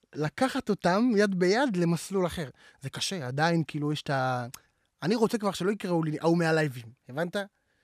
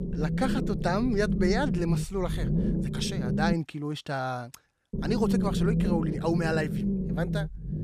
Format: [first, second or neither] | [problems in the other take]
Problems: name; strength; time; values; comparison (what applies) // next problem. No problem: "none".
first | low rumble; loud; until 3.5 s and from 5 s on; 5 dB below the speech